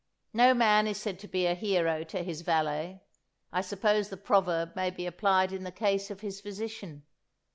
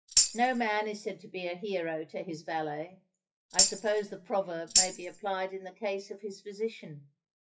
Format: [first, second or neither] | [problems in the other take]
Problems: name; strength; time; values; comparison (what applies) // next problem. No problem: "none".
first | noise reduction (classical method WPE with log-MMSE)